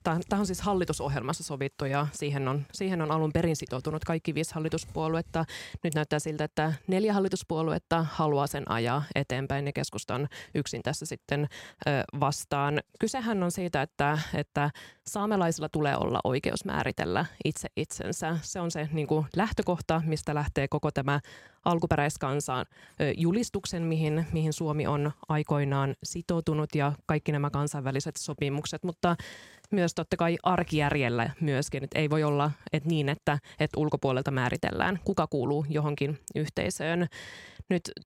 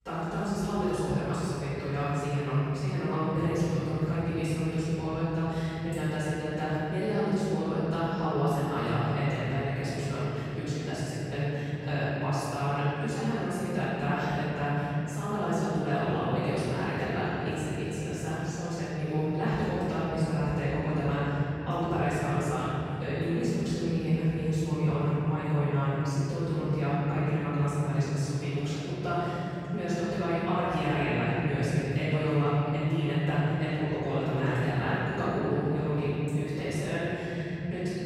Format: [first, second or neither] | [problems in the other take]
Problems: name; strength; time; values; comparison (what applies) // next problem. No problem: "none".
first | off-mic speech; far // room echo; strong; dies away in 3 s